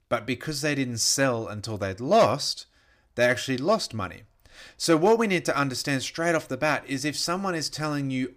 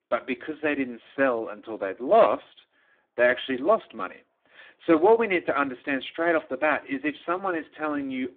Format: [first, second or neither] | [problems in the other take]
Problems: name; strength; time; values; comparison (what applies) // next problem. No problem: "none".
first | phone-call audio; poor line